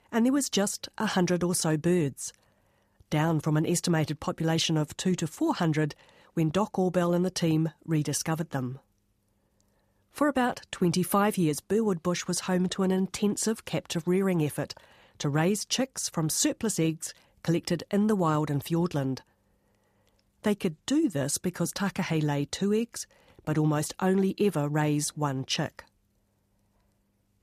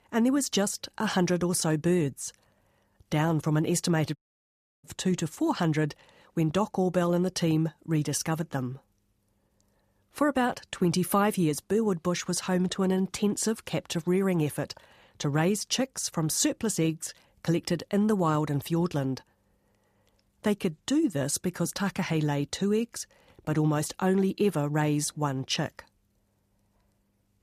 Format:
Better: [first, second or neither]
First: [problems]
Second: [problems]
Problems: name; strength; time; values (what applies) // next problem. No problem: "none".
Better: first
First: none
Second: audio cutting out; at 4 s for 0.5 s